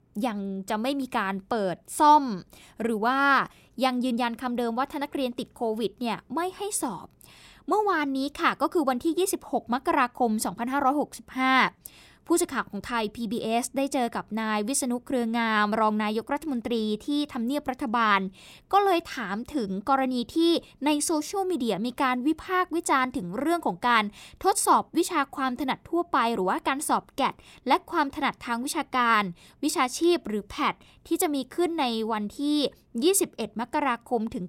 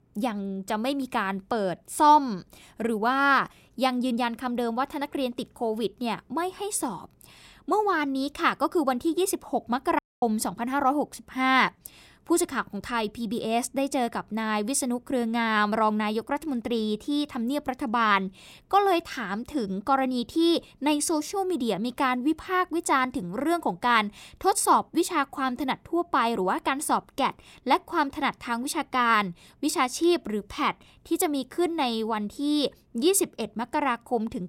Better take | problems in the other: first | audio cutting out; at 10 s

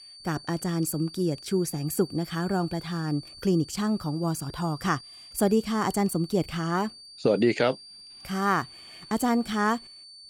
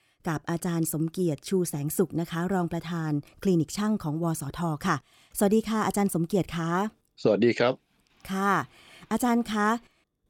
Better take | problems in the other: second | high-pitched whine; noticeable; throughout; 4.5 kHz, 15 dB below the speech

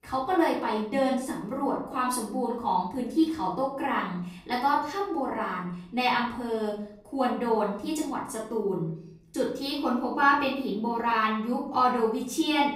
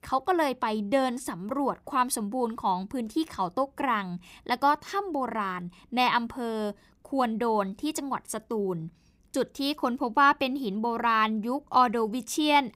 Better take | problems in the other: second | off-mic speech; far // room echo; noticeable; dies away in 0.5 s

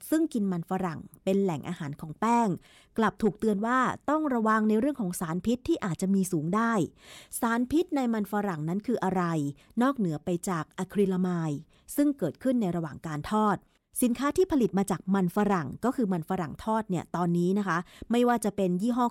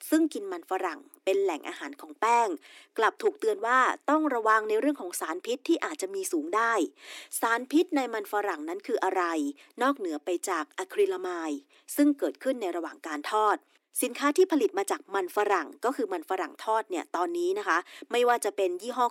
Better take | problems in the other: first | thin; somewhat; fading below 300 Hz

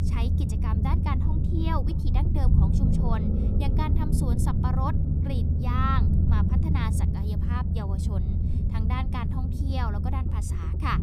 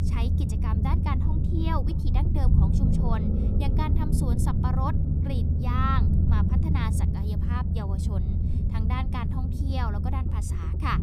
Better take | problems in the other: neither | low rumble; loud; throughout; 3 dB below the speech; the same in both

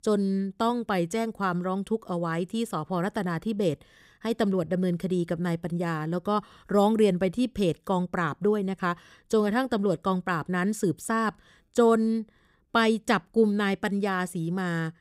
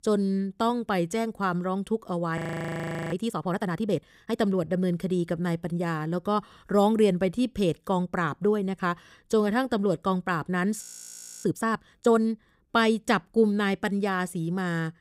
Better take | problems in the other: first | audio freezing; at 2.5 s for 0.5 s and at 11 s for 0.5 s

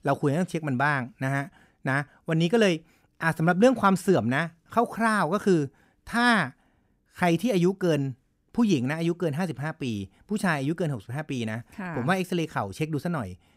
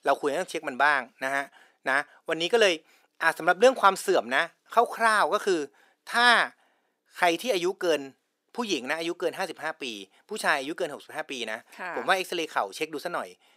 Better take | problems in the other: first | thin; very; fading below 400 Hz

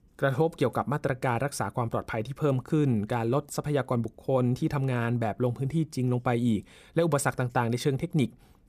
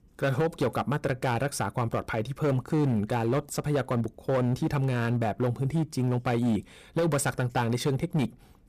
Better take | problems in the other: first | distortion; slight; 10% of the sound clipped

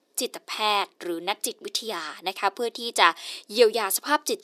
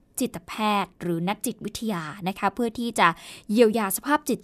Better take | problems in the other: second | thin; somewhat; fading below 350 Hz

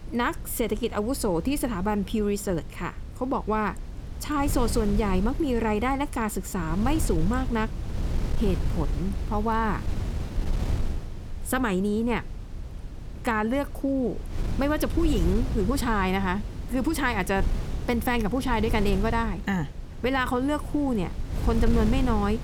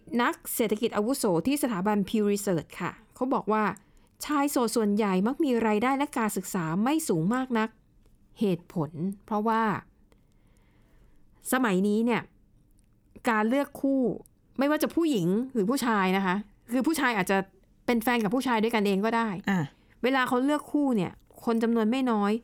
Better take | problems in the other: second | wind noise on the microphone; occasional gusts; 15 dB below the speech

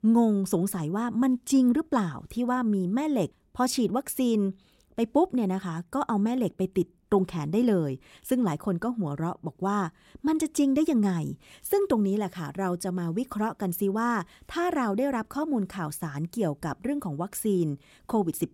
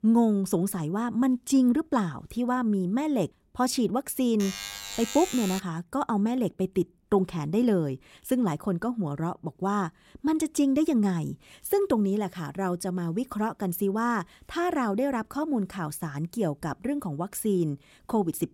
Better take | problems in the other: first | alarm; noticeable; from 4.5 to 5.5 s; peak 6 dB below the speech

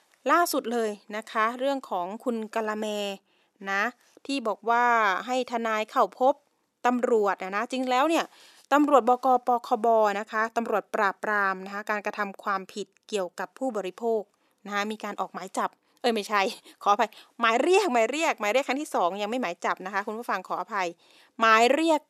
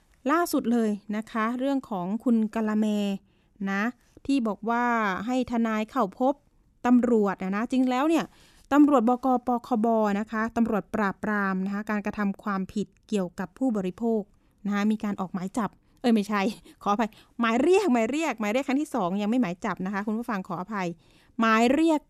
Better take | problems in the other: second | thin; somewhat; fading below 550 Hz

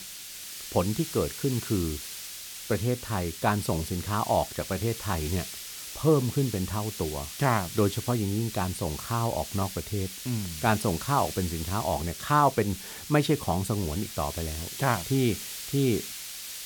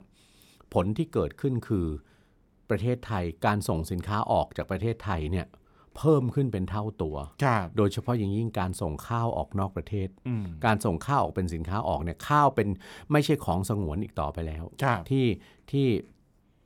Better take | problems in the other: second | hiss; loud; throughout; 8 dB below the speech

